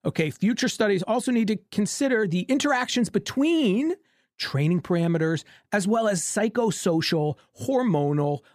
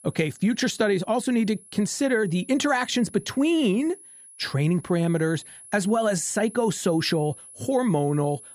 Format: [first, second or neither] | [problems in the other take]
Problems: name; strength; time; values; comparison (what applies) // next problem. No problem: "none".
first | high-pitched whine; noticeable; throughout; 10.5 kHz, 20 dB below the speech